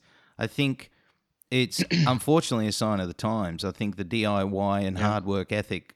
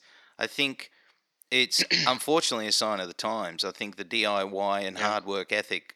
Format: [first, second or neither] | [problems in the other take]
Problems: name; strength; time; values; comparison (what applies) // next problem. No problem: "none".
first | thin; somewhat; fading below 400 Hz